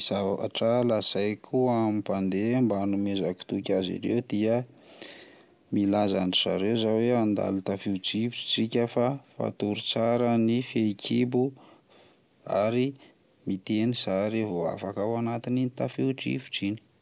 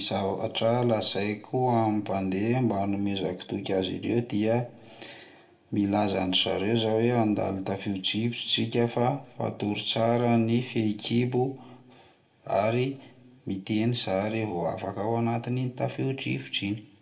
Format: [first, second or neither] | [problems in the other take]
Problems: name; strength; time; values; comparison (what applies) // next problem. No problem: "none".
first | room echo; dies away in 0.4 s